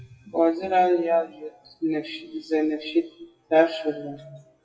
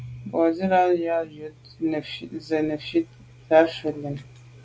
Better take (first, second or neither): second